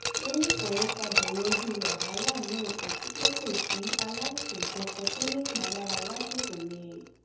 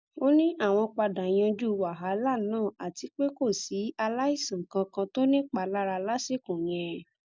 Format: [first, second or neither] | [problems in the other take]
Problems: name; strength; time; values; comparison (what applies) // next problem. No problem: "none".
second | background sound (Glass); 3 dB above the speech // room echo; dies away in 0.8 s